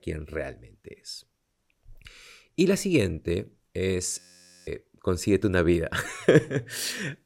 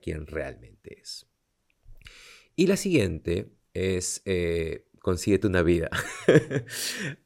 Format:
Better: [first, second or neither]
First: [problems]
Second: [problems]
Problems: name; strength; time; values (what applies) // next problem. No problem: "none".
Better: second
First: audio freezing; at 4 s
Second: none